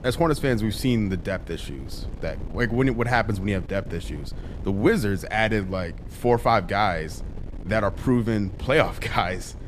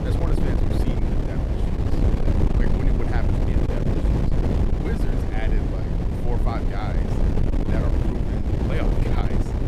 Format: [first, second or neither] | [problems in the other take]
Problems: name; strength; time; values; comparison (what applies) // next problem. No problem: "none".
first | wind noise on the microphone; heavy; 4 dB above the speech; occasional gusts in the first